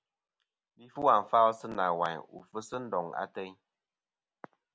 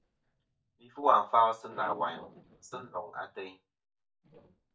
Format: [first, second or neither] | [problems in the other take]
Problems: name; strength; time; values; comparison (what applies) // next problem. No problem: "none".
first | noise reduction (neural mask model DeepFilterNet 3)